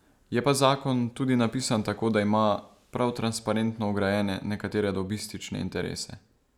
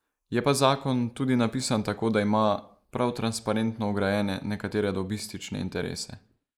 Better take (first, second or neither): first